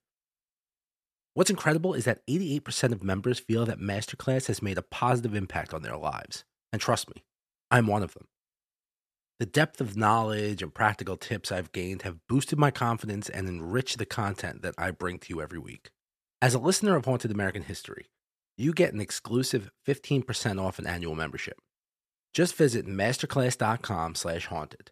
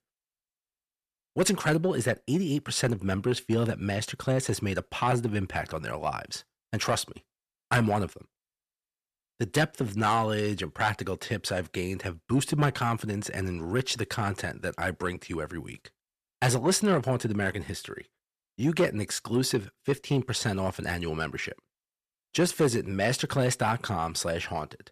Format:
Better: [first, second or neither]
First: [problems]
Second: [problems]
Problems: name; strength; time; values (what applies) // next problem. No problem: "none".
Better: first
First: none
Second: distortion; slight; 10 dB below the speech